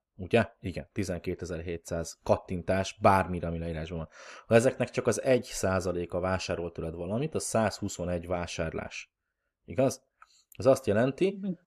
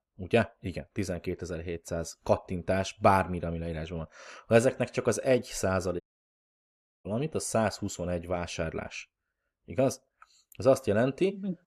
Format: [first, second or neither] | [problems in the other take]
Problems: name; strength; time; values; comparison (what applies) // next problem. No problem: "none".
first | audio cutting out; at 6 s for 1 s